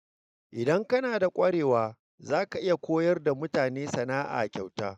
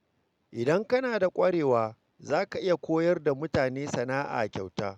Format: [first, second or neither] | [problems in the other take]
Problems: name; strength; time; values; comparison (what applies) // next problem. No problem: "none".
second | noise reduction (neural mask model Resemble Enhance denoiser)